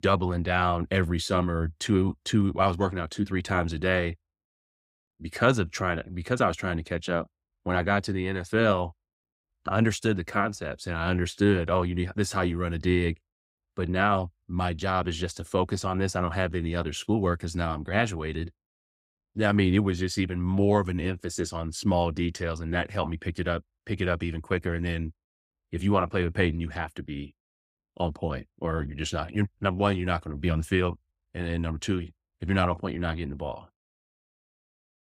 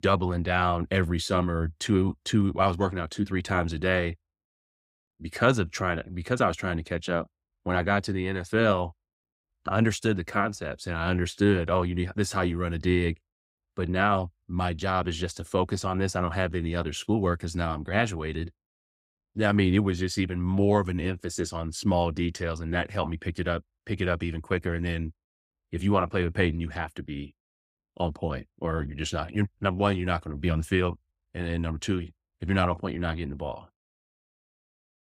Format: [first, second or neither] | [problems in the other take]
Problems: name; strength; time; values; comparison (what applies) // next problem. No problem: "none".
neither | none